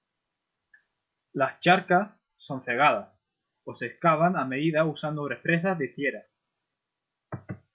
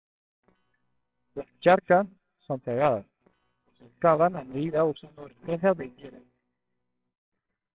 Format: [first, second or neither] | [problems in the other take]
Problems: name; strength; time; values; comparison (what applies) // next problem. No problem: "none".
first | noise reduction (neural separator model SepFormer WHAMR!)